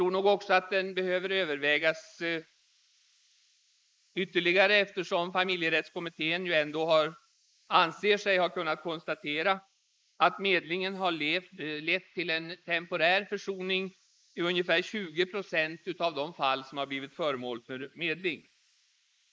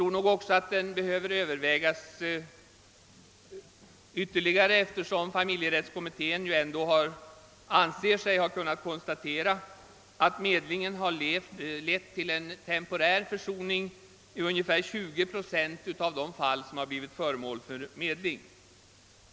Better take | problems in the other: second | noise reduction (neural mask model Resemble Enhance denoiser)

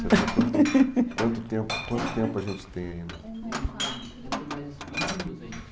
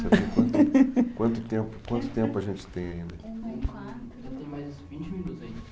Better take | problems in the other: second | background sound (Glass); 8 dB below the speech

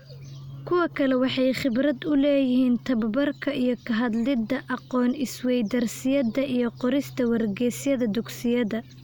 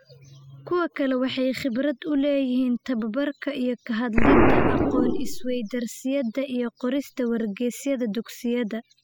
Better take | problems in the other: first | noise reduction (classical method spectral subtraction)

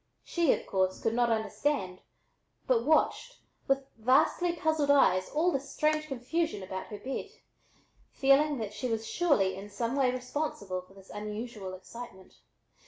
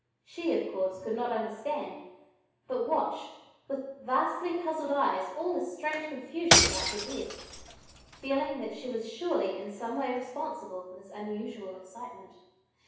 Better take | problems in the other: first | background sound (Shatter / Crushing); 5 dB above the speech // room echo; dies away in 0.9 s

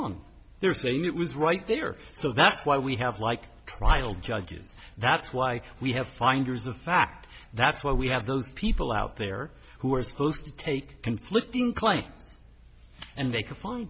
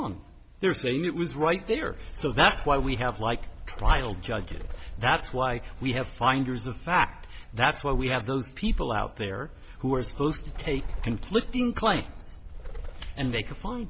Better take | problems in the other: first | background sound (Bird); 9 dB below the speech

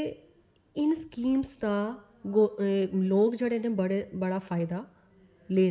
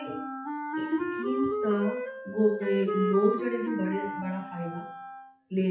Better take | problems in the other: first | noise reduction (classical method WPE with log-MMSE)

